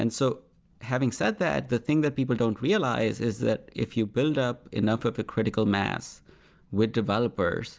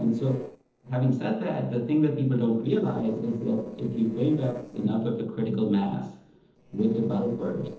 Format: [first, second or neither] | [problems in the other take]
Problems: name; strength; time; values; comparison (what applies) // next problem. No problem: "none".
first | noise reduction (neural separator model SepFormer DNS4)